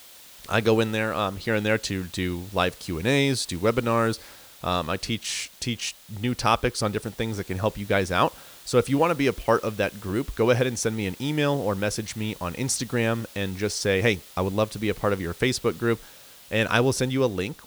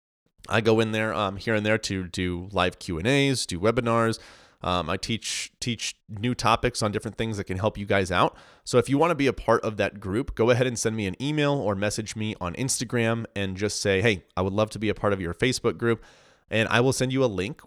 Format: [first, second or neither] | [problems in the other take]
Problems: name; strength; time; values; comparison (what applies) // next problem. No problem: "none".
second | hiss; noticeable; throughout; 20 dB below the speech